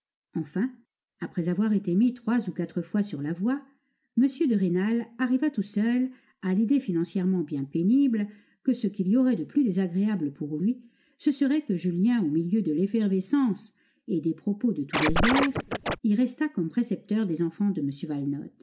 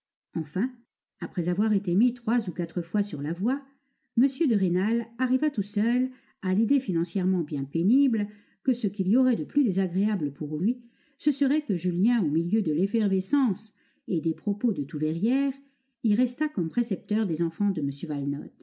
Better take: second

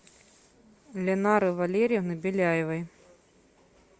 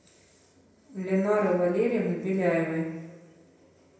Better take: first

